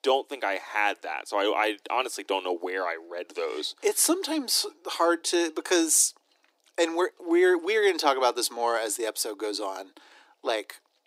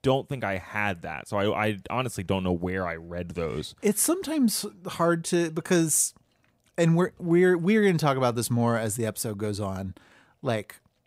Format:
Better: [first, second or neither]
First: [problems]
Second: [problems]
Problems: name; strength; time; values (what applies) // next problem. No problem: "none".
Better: second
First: thin; very; fading below 300 Hz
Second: none